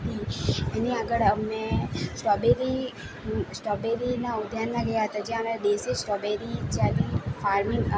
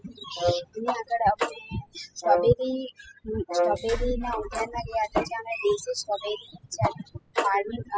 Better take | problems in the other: first | noise reduction (classical method spectral subtraction)

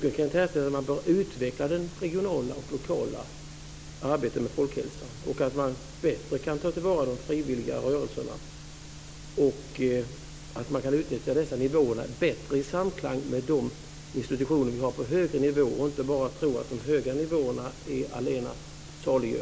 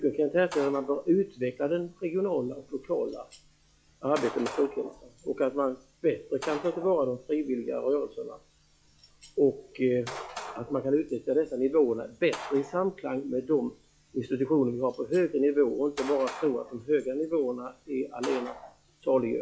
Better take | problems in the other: first | noise reduction (classical method log-MMSE)

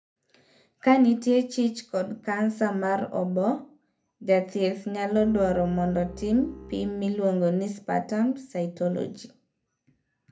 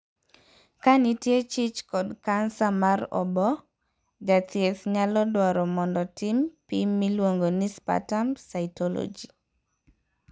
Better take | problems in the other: second | background sound (Bowed string instrument); 16 dB below the speech // room echo; dies away in 0.3 s

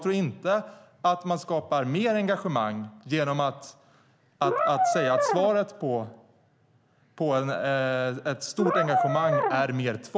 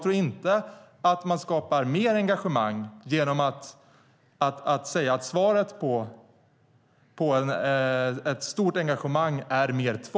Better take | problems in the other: second | background sound (Brass instrument); 1 dB above the speech

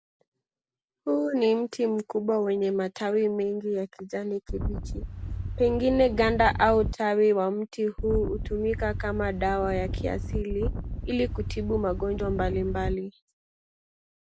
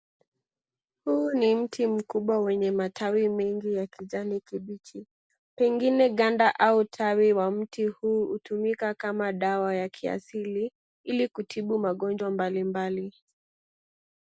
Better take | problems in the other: second | background sound (Wind); 4 dB below the speech

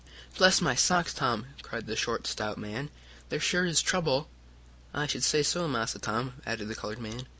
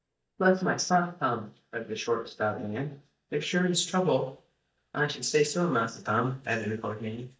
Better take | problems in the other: first | noise reduction (neural mask model DeepFilterNet 3)

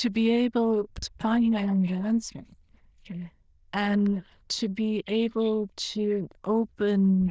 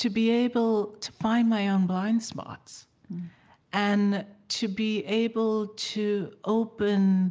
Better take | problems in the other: second | noise reduction (neural diffusion model UNIVERSE++)

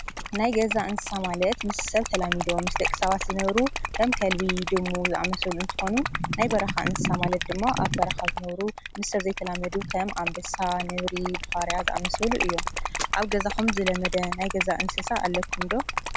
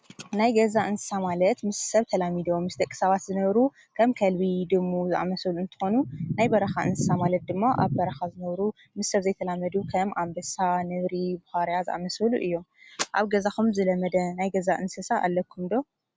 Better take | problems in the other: second | background sound (Liquid); 3 dB below the speech

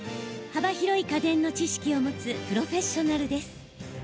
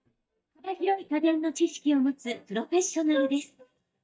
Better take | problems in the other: first | noise reduction (neural mask model DeepFilterNet 3)

